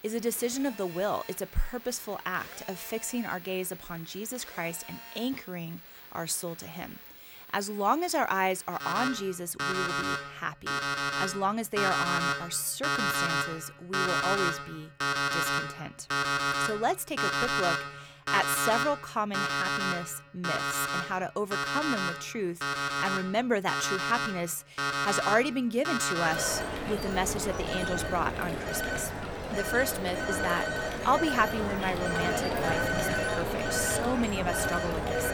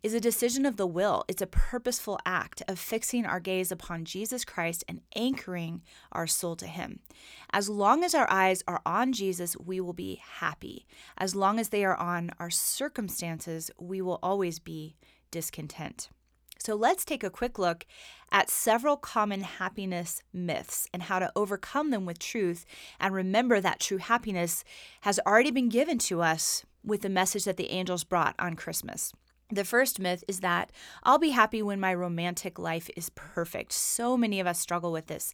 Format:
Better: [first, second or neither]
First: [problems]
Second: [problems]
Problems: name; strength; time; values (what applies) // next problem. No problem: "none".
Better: second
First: alarms or sirens; very loud; throughout; 1 dB above the speech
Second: none